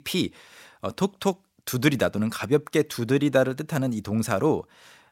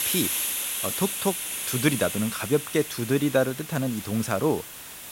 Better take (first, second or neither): first